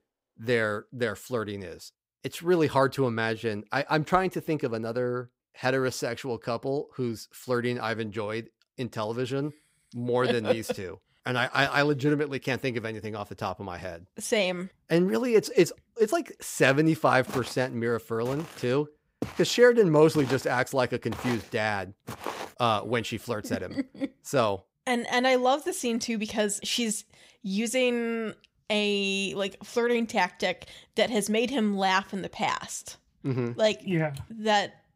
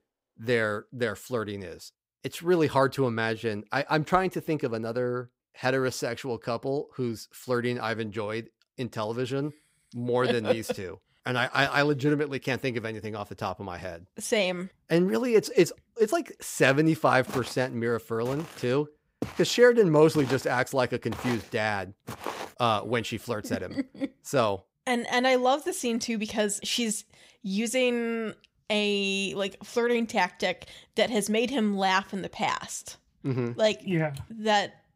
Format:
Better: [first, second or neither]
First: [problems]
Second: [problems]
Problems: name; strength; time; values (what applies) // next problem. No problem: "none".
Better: neither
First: footsteps; noticeable; from 17 to 22 s; peak 9 dB below the speech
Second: footsteps; noticeable; from 17 to 22 s; peak 9 dB below the speech